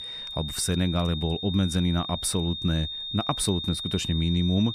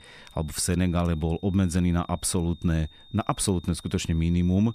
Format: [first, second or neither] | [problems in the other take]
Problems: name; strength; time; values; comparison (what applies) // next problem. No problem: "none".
second | high-pitched whine; loud; throughout; 3.5 kHz, 5 dB below the speech; faint in the second